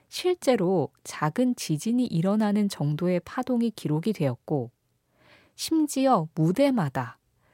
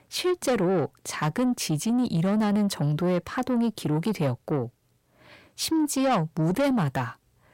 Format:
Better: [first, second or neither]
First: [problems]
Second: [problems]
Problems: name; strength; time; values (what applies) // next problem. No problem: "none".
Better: first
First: none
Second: distortion; slight; 10 dB below the speech